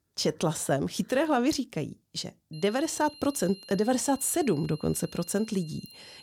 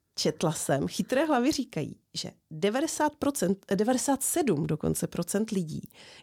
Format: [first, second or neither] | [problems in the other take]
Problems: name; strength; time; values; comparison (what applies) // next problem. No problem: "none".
second | high-pitched whine; noticeable; from 2.5 s on; 4 kHz, 20 dB below the speech